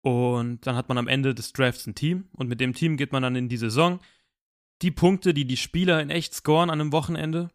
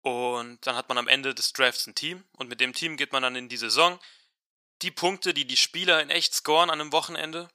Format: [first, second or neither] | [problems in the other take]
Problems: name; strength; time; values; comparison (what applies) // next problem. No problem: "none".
first | thin; very; fading below 650 Hz